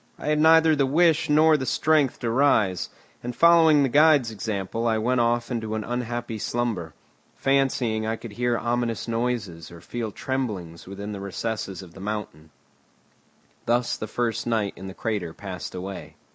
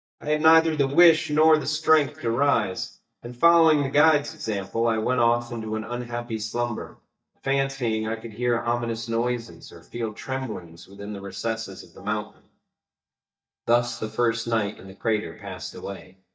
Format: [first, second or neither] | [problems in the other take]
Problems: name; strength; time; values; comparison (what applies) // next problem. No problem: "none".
first | noise reduction (neural mask model DeepFilterNet 3)